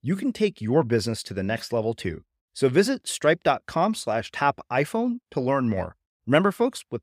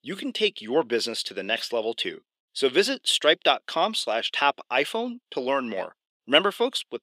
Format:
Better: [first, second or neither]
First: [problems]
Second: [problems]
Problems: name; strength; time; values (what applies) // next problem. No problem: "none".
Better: first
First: none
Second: thin; somewhat; fading below 300 Hz